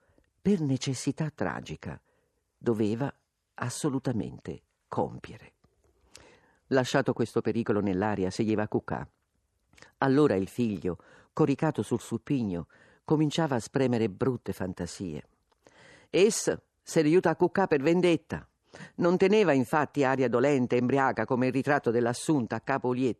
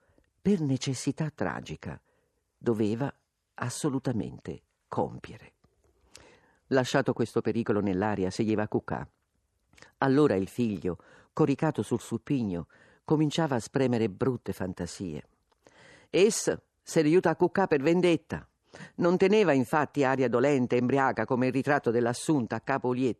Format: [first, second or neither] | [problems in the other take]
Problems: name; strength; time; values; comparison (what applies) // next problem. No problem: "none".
neither | none